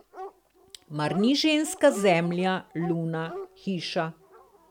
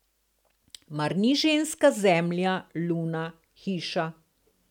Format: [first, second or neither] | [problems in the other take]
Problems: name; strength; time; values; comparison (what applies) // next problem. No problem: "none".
second | background sound (Dog); 15 dB below the speech